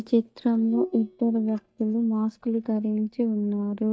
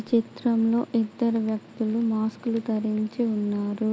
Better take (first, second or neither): second